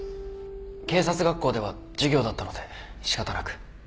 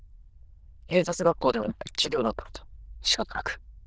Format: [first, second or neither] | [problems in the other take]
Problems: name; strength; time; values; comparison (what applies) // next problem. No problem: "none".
first | noise reduction (neural diffusion model UNIVERSE++)